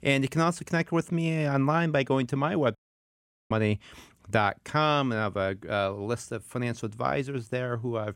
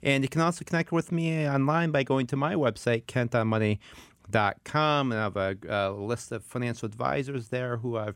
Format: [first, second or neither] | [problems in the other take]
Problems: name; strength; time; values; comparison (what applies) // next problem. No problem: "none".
second | audio cutting out; at 3 s for 1 s